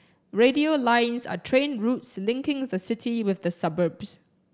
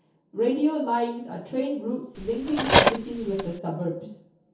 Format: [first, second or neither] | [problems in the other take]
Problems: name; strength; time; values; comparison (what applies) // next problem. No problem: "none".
first | background sound (Cutlery, silverware); 4 dB above the speech // room echo; dies away in 0.6 s